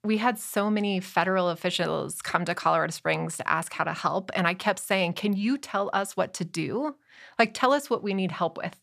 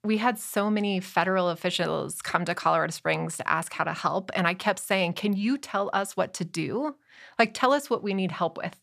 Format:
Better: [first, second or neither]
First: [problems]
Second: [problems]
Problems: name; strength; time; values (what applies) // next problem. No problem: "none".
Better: neither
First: none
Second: none